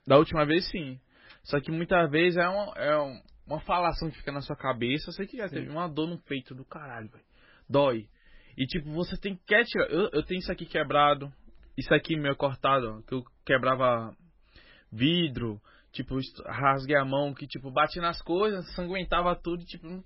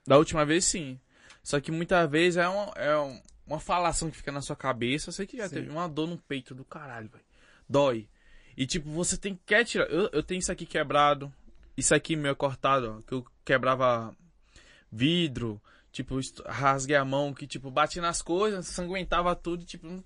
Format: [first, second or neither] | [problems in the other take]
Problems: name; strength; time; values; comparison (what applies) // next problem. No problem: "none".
second | garbled, watery; badly; nothing above 5.5 kHz; slightly in the second